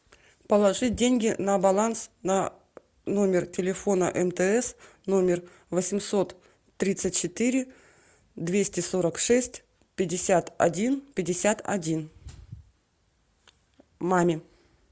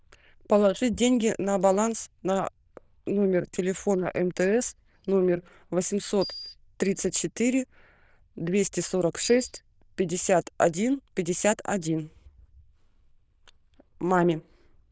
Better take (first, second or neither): first